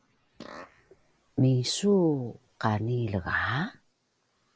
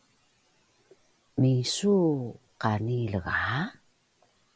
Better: second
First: noise reduction (neural mask model Resemble Enhance denoiser)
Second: none

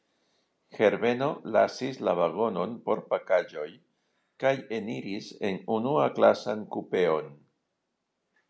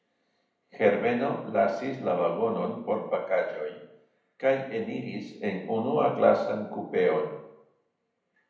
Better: first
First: none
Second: room echo; dies away in 0.7 s

